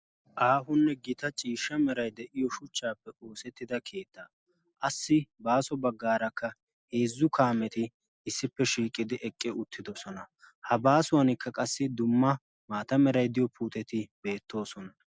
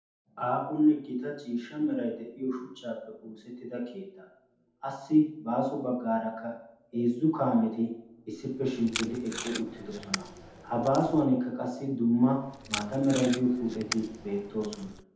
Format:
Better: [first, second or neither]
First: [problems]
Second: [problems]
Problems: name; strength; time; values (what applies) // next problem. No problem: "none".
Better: first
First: none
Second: background sound (Packing tape, duct tape); 11 dB below the speech // room echo; dies away in 0.8 s